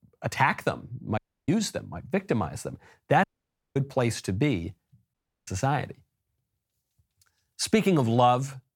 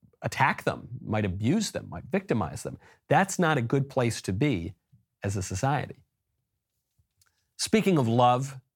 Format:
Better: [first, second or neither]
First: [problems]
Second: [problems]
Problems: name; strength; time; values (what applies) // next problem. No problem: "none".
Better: second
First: audio cutting out; at 1 s, at 3 s for 0.5 s and at 5 s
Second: none